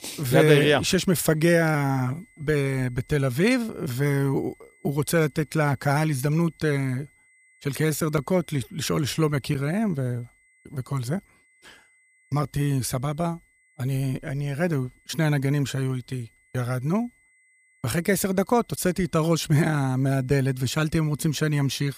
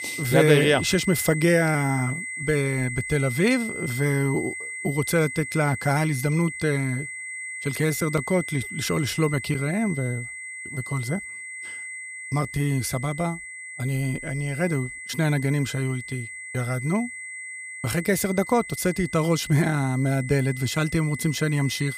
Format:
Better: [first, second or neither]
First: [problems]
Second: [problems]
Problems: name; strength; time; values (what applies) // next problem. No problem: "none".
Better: first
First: high-pitched whine; faint; throughout; 2 kHz, 35 dB below the speech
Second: high-pitched whine; loud; throughout; 2 kHz, 9 dB below the speech